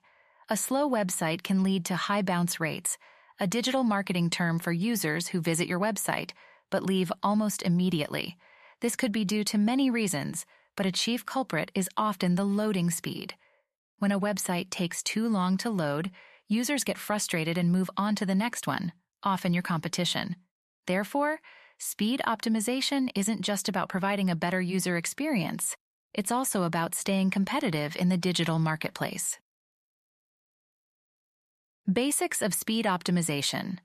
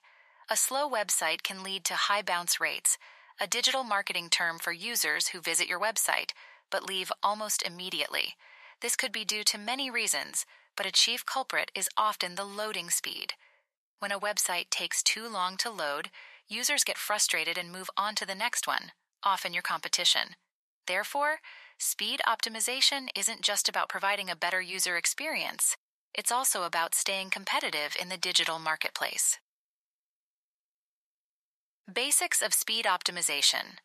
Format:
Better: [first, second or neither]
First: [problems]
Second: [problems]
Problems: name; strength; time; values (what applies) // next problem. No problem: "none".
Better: first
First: none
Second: thin; very; fading below 800 Hz